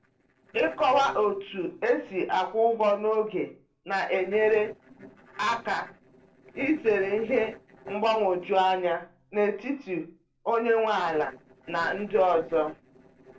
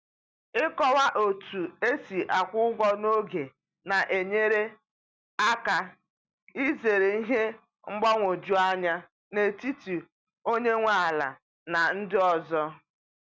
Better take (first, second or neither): second